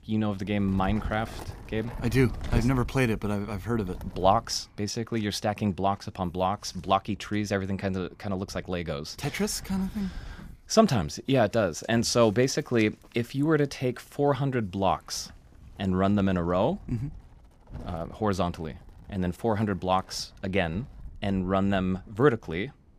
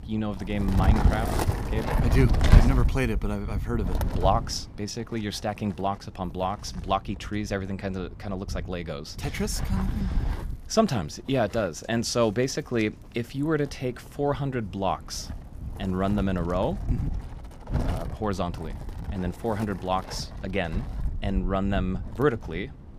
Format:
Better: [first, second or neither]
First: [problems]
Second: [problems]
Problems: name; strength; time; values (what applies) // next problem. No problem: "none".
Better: first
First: wind noise on the microphone; occasional gusts; 25 dB below the speech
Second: wind noise on the microphone; heavy; 7 dB below the speech